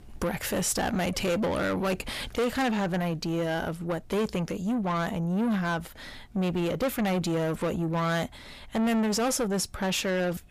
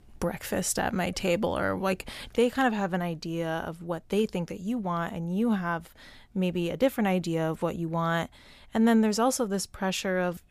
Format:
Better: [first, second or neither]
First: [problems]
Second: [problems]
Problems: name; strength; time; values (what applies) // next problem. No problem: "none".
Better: second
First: distortion; heavy; 7 dB below the speech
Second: none